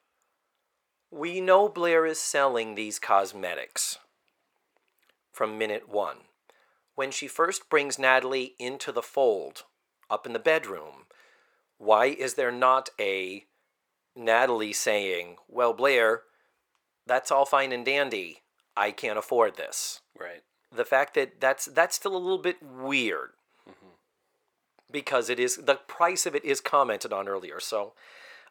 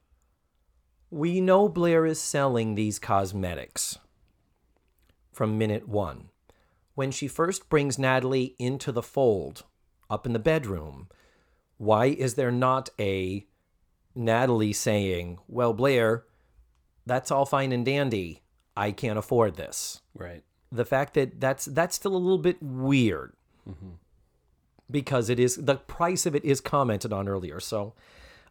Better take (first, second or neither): second